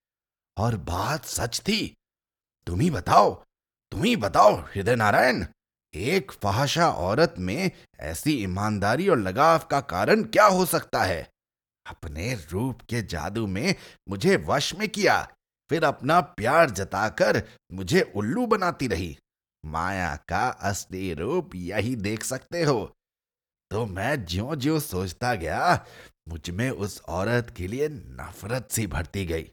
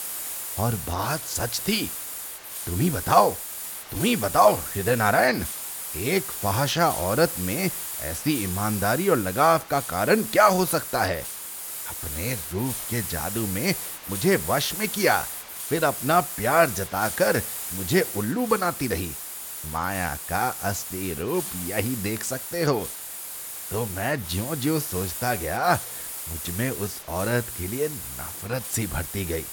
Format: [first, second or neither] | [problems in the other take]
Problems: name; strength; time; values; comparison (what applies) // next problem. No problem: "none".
first | hiss; loud; throughout; 6 dB below the speech